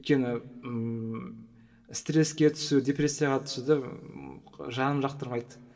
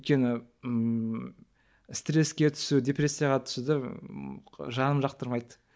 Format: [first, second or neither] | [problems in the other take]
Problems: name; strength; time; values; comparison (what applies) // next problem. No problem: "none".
second | room echo; dies away in 1.4 s